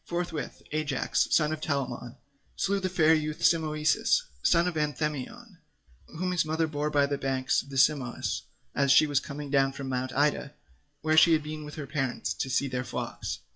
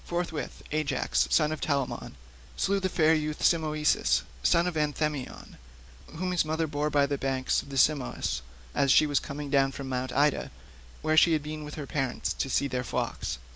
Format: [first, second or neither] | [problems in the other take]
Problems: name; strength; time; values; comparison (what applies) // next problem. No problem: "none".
second | noise reduction (classical method WPE with log-MMSE)